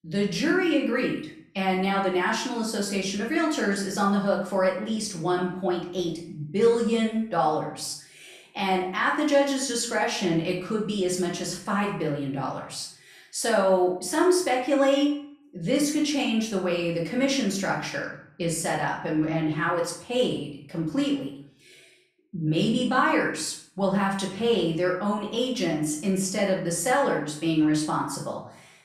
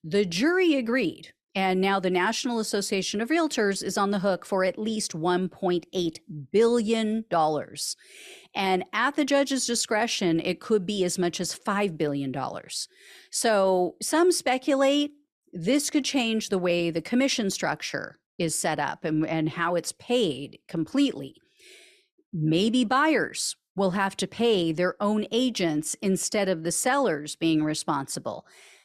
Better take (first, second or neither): second